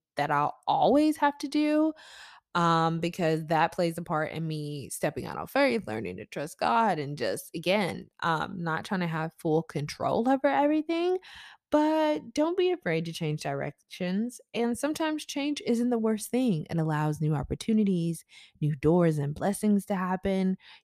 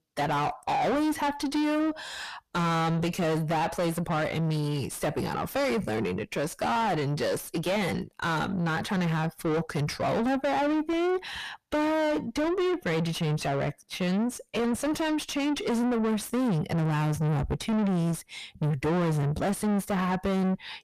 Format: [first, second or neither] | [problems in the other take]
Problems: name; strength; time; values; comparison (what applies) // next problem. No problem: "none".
first | distortion; heavy; 5 dB below the speech